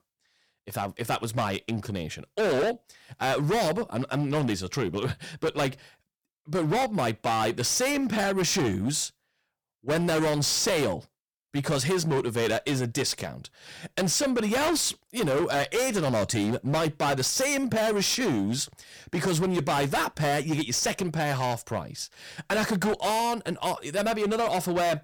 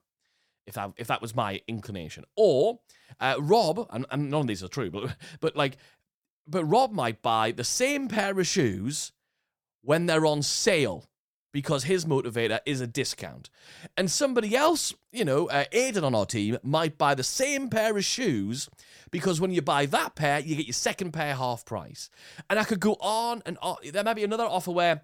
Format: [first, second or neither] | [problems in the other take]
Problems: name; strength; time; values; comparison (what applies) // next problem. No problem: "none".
second | distortion; heavy; 19% of the sound clipped